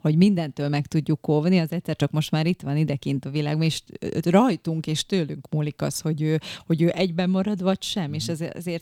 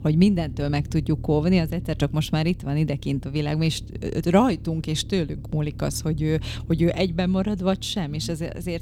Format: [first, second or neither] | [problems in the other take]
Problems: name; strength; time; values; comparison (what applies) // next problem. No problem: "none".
first | low rumble; faint; throughout; 20 dB below the speech